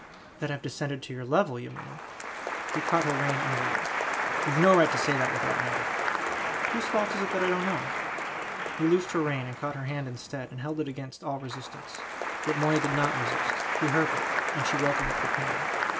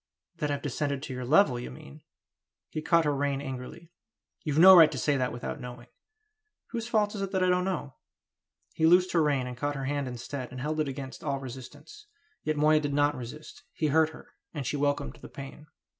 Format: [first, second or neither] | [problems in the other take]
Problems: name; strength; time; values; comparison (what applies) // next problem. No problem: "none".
second | background sound (Applause); as loud as the speech